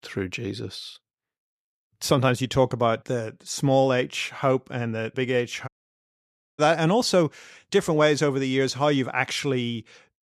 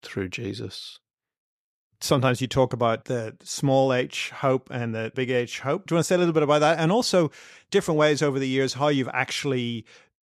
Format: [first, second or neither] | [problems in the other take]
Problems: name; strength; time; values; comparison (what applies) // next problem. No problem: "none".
second | audio cutting out; at 5.5 s for 1 s